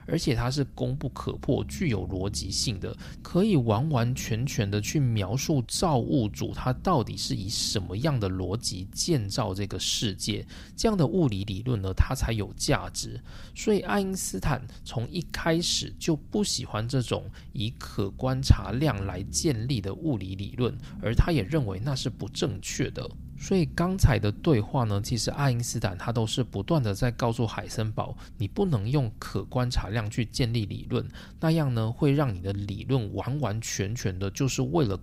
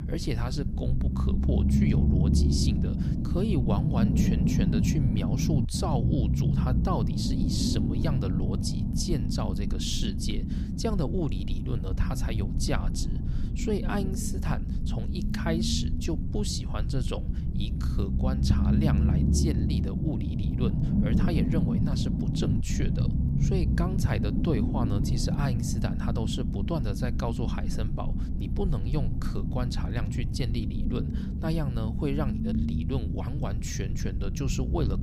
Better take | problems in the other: first | low rumble; loud; throughout; 2 dB below the speech; faint in the first

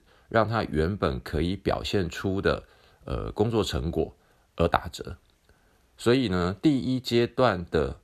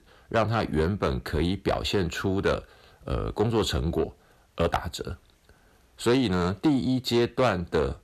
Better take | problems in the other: first | distortion; slight; 10 dB below the speech

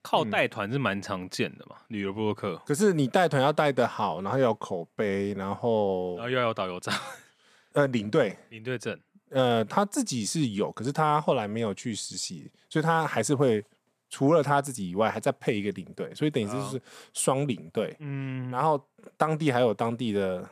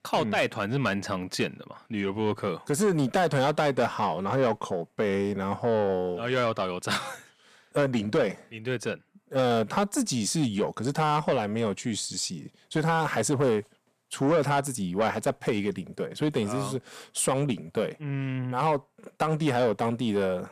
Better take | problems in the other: first | distortion; slight; 10 dB below the speech

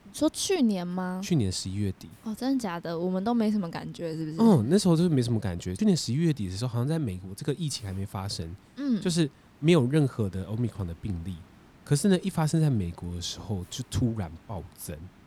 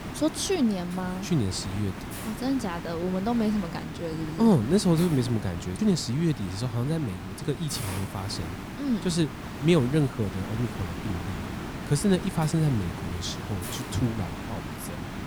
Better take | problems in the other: first | hiss; loud; throughout; 9 dB below the speech; faint in the first

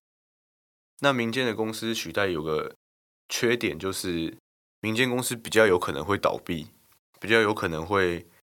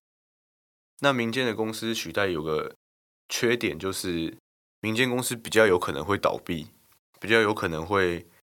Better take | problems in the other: neither | none

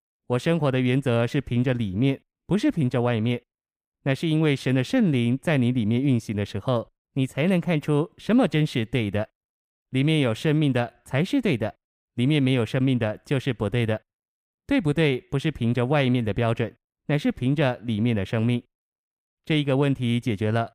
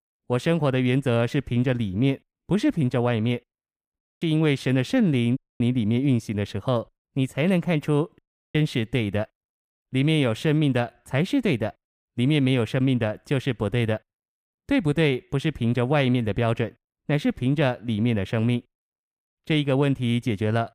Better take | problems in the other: first | audio cutting out; at 4 s, at 5.5 s and at 8 s

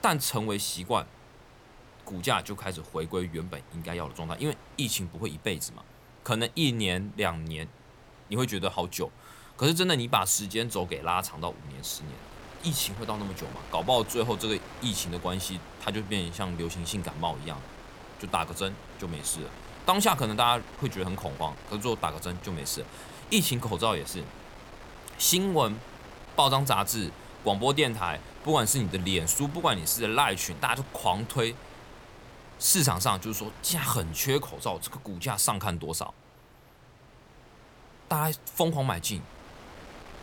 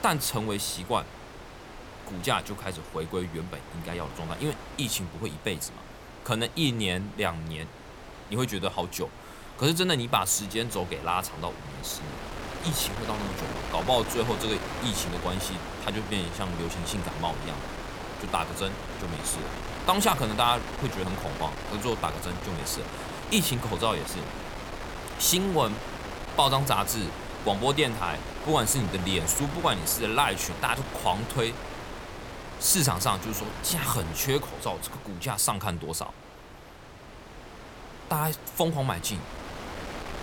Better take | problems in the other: first | wind noise on the microphone; heavy; 10 dB below the speech; occasional gusts in the first

